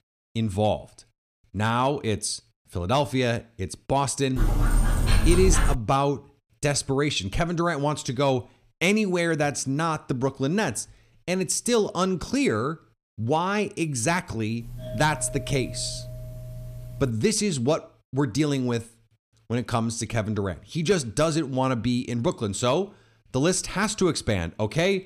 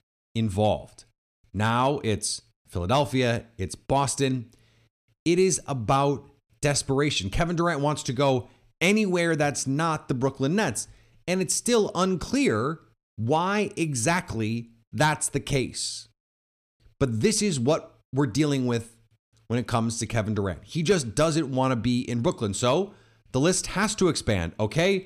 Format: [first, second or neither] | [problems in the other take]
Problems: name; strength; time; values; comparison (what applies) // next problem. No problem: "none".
second | dog barking; loud; from 4.5 to 6 s; peak 2 dB above the speech // doorbell; faint; from 15 to 17 s; peak 10 dB below the speech